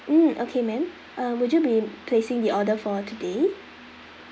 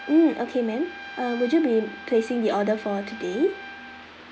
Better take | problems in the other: first | background sound (Trumpet); 17 dB below the speech

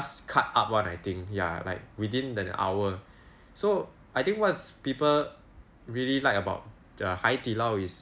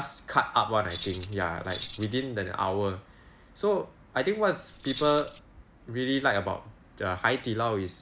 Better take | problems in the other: first | background sound (Keys jangling); 12 dB below the speech

